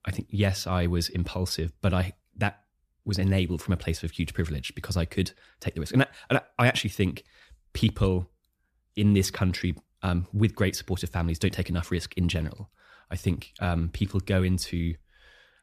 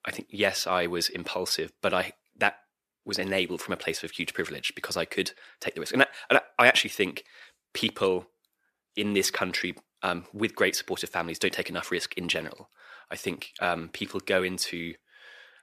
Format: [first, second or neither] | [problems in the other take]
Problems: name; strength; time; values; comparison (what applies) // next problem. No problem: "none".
first | thin; very; fading below 450 Hz